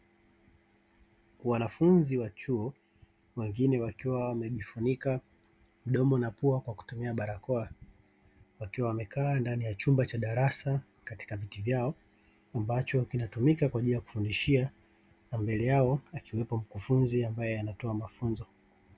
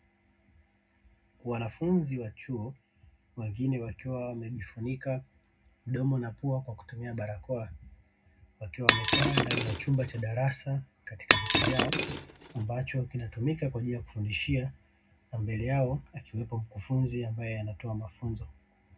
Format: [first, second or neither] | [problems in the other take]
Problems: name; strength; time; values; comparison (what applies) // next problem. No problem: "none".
first | background sound (Shatter); 4 dB above the speech // room echo; dies away in 0.3 s